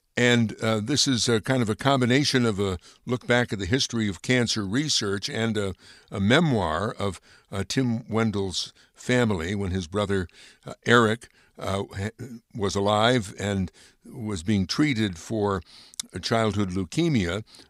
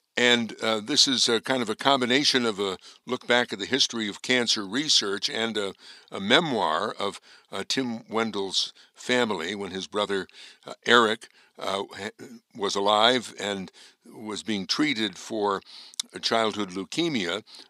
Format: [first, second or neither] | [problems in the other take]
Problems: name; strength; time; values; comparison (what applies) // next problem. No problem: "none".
first | thin; very slightly; fading below 300 Hz